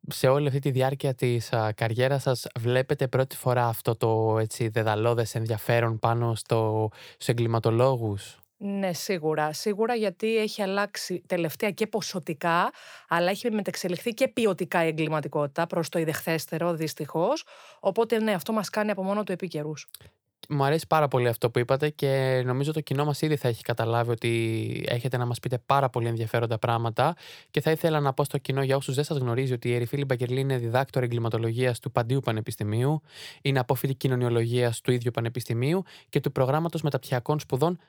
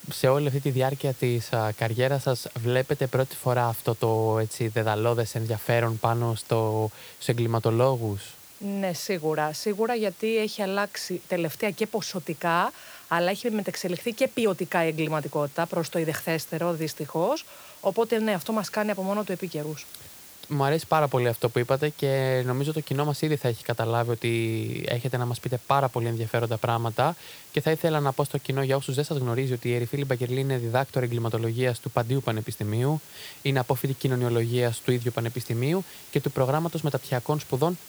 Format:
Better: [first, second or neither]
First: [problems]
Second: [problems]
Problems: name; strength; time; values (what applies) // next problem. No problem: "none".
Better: first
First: none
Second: hiss; noticeable; throughout; 20 dB below the speech